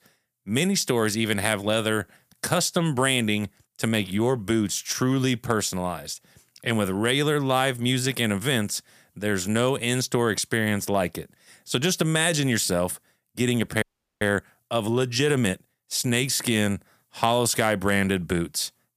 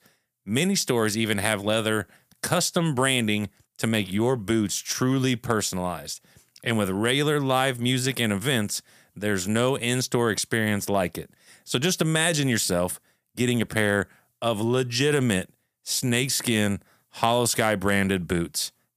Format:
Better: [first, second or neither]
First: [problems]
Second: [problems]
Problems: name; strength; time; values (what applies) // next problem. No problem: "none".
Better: second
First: audio freezing; at 14 s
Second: none